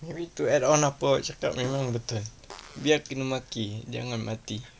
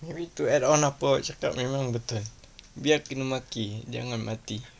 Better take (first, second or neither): second